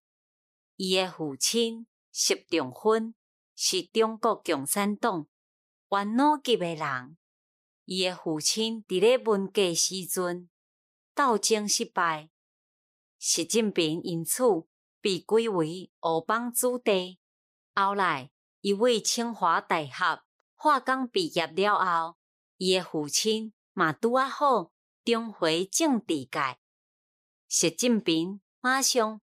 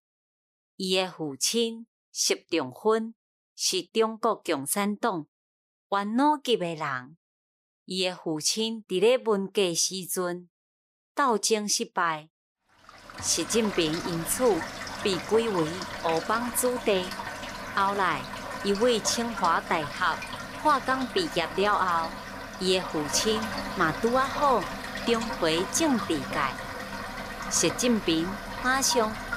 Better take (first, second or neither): first